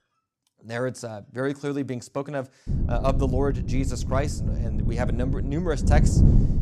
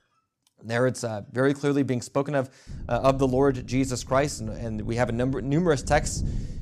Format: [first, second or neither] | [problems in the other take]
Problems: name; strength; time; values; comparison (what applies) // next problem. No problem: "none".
second | wind noise on the microphone; heavy; from 2.5 s on; 6 dB below the speech; occasional gusts in the second